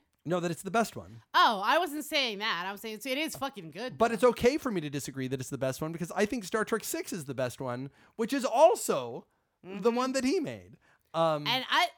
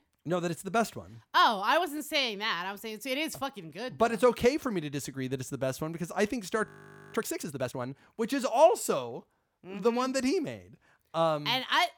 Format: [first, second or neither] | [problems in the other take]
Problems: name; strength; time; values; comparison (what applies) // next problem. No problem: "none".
first | audio freezing; at 6.5 s